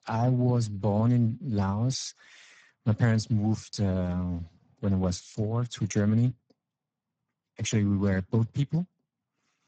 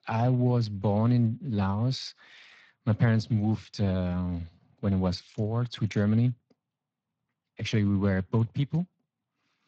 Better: second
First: garbled, watery; badly; nothing above 7.5 kHz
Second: garbled, watery; slightly; nothing above 16 kHz

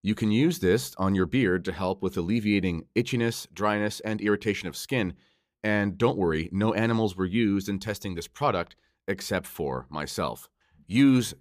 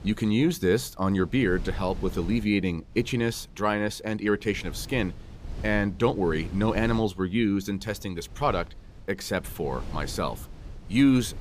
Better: first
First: none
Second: wind noise on the microphone; occasional gusts; 20 dB below the speech

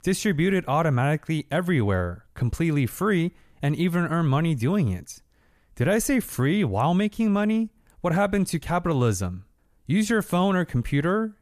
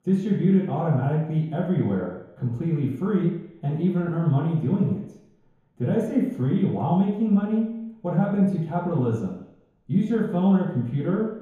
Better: first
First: none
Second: room echo; noticeable; dies away in 0.9 s // off-mic speech; far

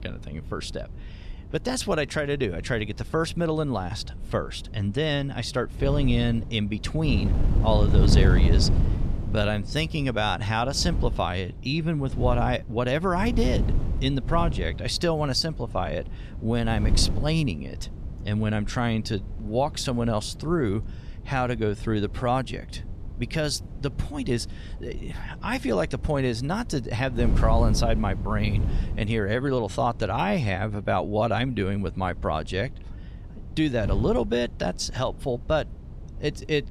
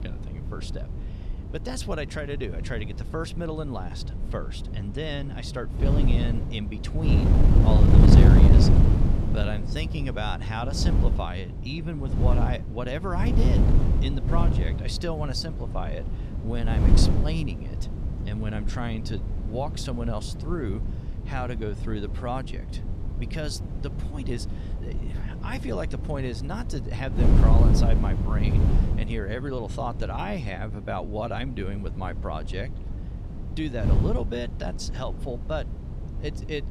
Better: first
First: wind noise on the microphone; occasional gusts; 15 dB below the speech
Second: wind noise on the microphone; heavy; 2 dB below the speech

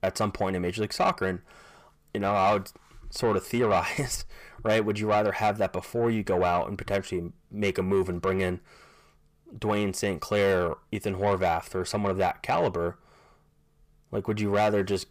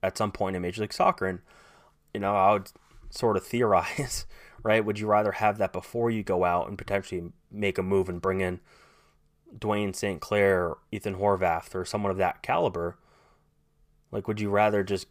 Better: second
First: distortion; slight; 10 dB below the speech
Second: none

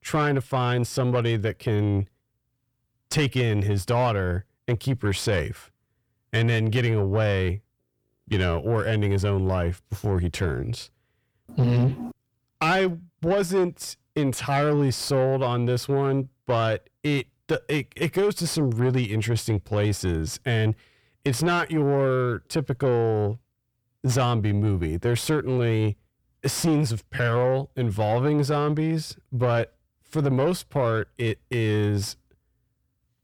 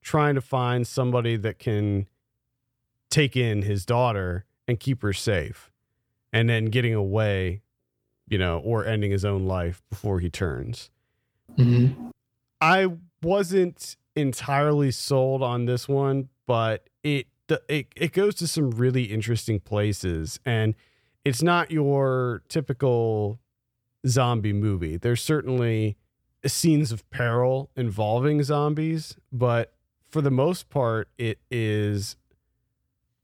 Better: second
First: distortion; slight; 10 dB below the speech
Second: none

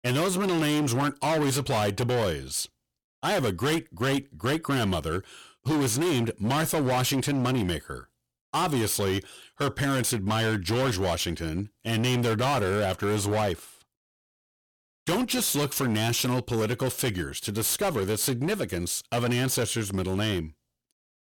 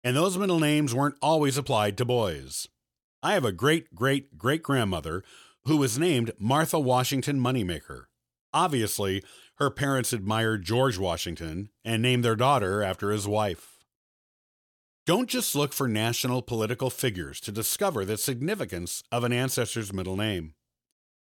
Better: second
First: distortion; heavy; 21% of the sound clipped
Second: none

